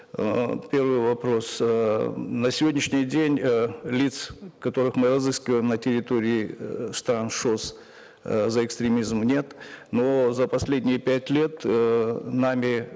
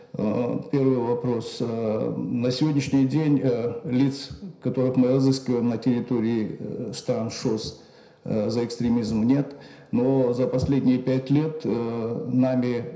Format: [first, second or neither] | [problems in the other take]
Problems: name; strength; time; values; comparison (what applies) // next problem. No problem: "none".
first | room echo; dies away in 0.5 s